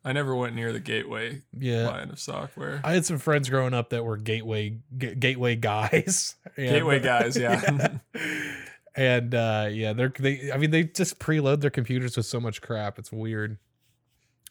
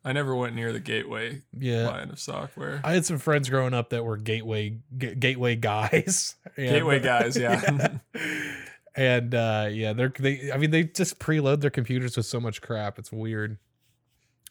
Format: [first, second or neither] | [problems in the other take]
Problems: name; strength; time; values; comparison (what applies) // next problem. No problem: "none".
neither | none